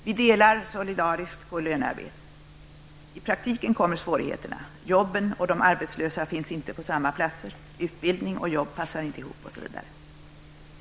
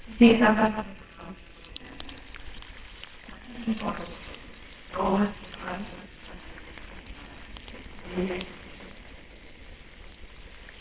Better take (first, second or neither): first